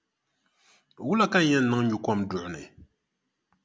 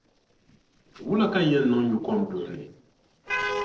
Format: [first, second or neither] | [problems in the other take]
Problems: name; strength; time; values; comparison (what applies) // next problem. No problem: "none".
first | noise reduction (neural separator model SepFormer DNS4)